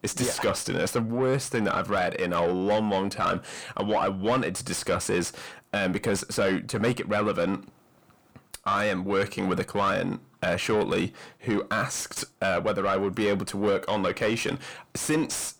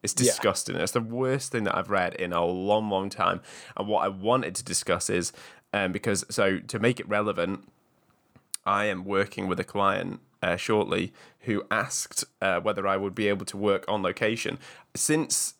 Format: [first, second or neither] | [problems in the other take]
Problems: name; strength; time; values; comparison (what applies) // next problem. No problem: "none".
second | distortion; heavy; 7 dB below the speech